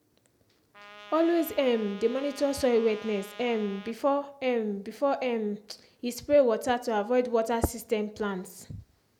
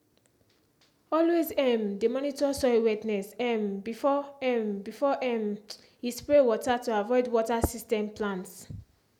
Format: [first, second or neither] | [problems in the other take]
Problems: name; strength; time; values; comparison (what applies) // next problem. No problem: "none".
second | background sound (Trumpet); 19 dB below the speech